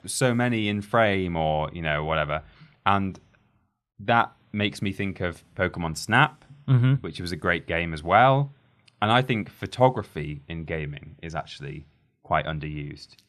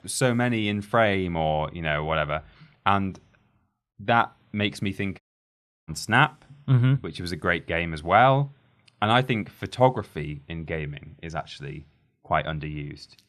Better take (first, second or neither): first